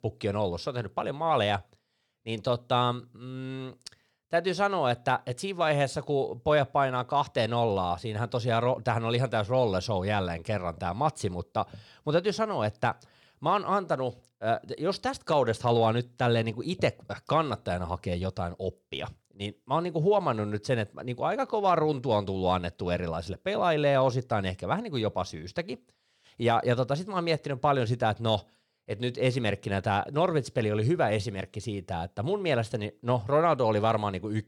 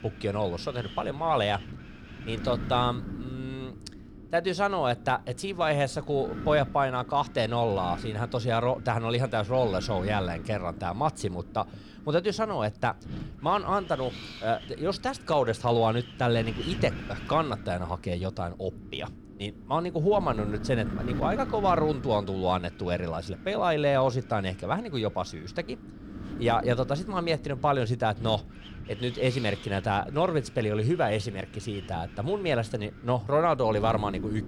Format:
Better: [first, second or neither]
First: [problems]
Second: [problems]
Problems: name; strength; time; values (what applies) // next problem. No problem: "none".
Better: first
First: none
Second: wind noise on the microphone; occasional gusts; 15 dB below the speech